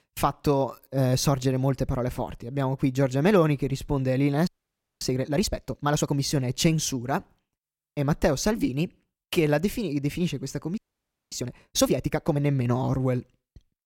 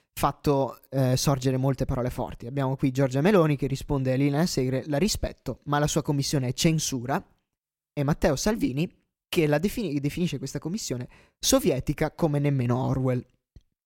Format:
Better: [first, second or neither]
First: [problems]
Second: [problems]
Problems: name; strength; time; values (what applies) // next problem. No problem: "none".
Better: second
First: audio freezing; at 4.5 s for 0.5 s and at 11 s for 0.5 s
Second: none